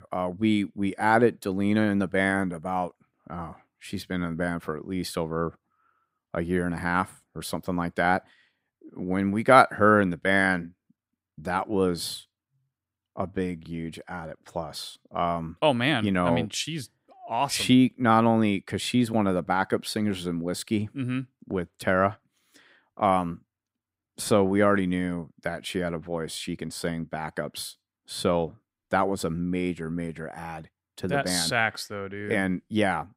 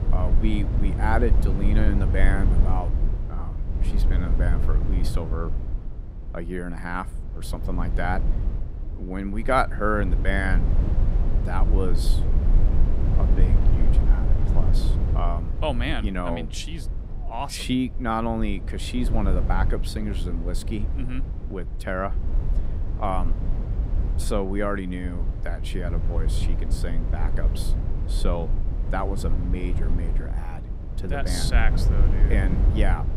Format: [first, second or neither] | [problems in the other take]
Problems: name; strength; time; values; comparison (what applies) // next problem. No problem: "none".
first | low rumble; loud; throughout; 10 dB below the speech